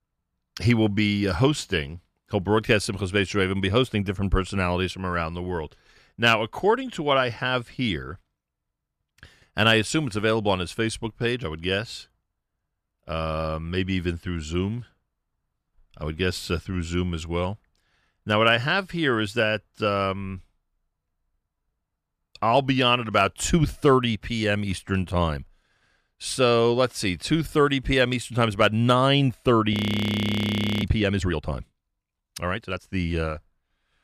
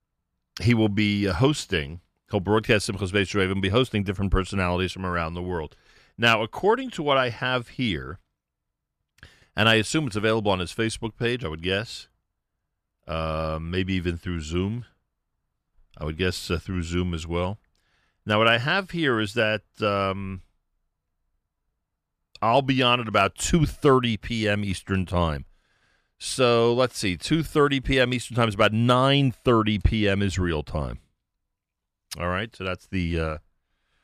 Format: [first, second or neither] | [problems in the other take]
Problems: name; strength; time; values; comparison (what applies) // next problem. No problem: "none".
second | audio freezing; at 30 s for 1 s